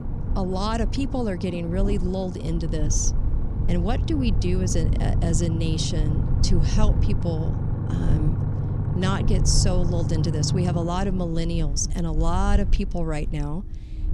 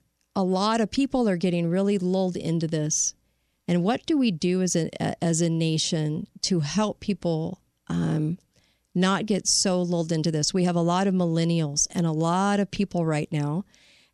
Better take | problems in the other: second | low rumble; loud; throughout; 8 dB below the speech

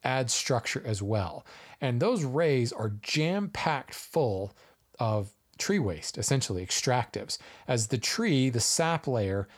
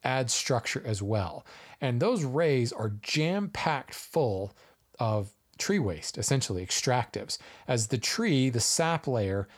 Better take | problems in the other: neither | none

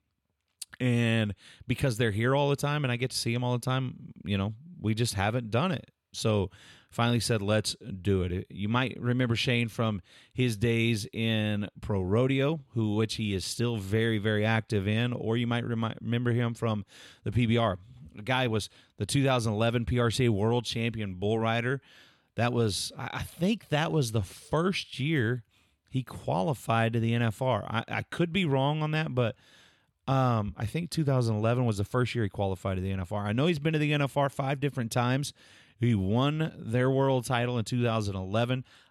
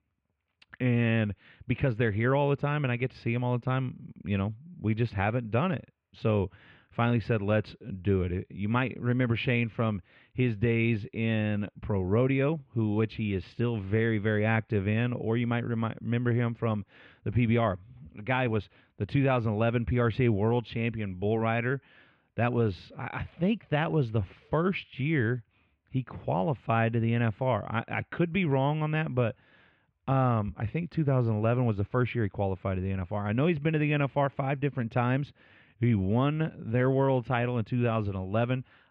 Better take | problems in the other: first | muffled; very; fading above 2.5 kHz

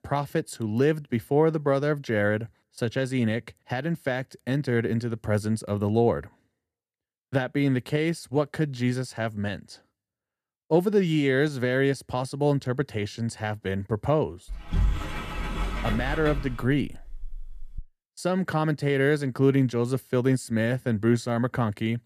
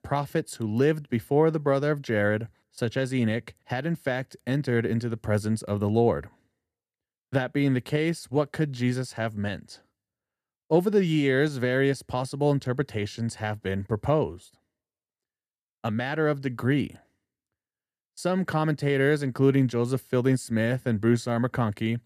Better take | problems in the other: second | door banging; noticeable; from 15 to 18 s; peak 1 dB below the speech

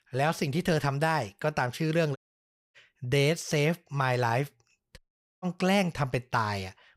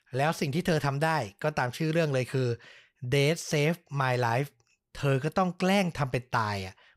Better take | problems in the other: second | audio cutting out; at 2 s for 0.5 s and at 5 s

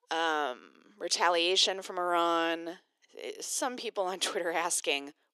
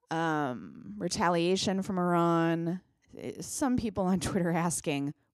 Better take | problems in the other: second | thin; very; fading below 400 Hz

